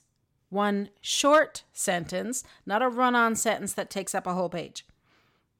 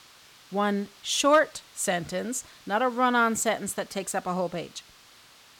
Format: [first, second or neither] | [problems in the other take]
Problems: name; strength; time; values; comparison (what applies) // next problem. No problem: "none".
first | hiss; faint; throughout; 25 dB below the speech